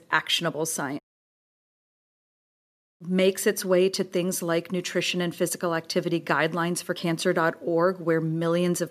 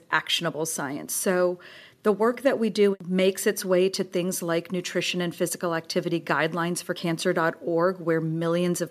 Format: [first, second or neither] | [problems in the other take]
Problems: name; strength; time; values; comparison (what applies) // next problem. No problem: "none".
second | audio cutting out; at 1 s for 2 s